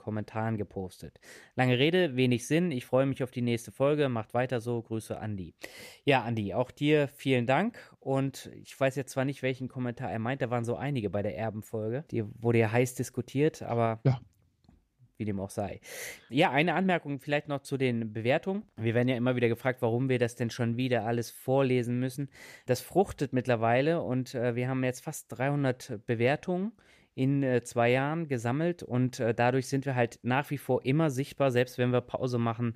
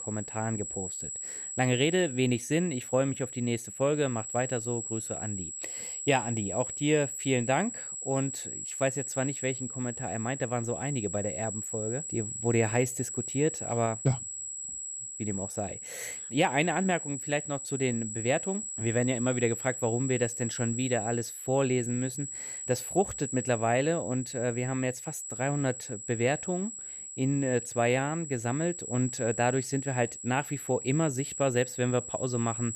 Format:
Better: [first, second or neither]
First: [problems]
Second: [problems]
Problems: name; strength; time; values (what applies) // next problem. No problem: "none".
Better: first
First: none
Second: high-pitched whine; loud; throughout; 7.5 kHz, 6 dB below the speech